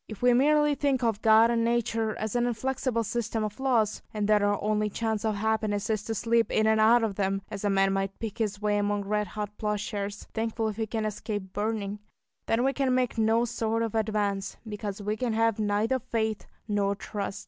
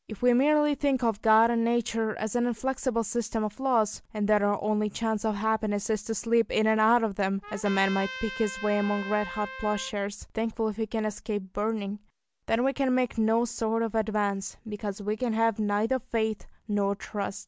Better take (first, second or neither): first